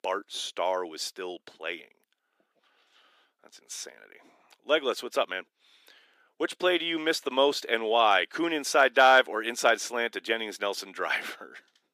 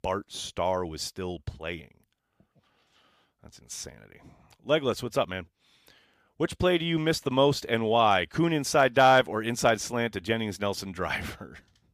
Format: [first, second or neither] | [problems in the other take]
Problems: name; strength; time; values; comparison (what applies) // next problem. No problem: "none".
second | thin; somewhat; fading below 300 Hz